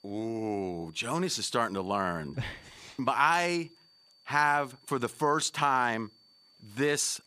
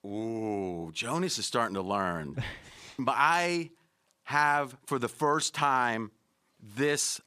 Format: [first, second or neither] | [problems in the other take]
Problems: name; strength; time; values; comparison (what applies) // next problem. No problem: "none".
second | high-pitched whine; faint; throughout; 4.5 kHz, 30 dB below the speech